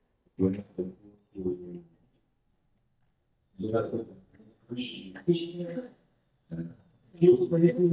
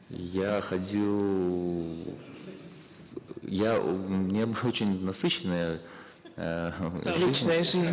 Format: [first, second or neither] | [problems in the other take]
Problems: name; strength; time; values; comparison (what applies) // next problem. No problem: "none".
second | noise reduction (neural mask model DeepFilterNet 3)